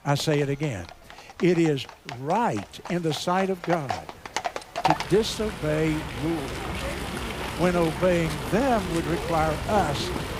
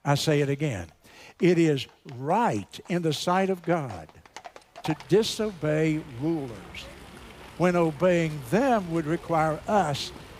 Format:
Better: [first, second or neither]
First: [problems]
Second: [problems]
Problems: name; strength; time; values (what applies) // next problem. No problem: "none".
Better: second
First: animal sounds; loud; throughout; 6 dB below the speech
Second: animal sounds; faint; throughout; 20 dB below the speech